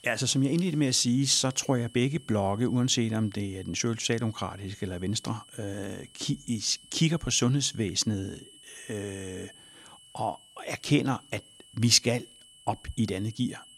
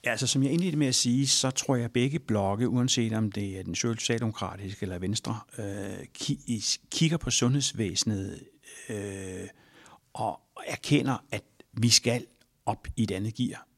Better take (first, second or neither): second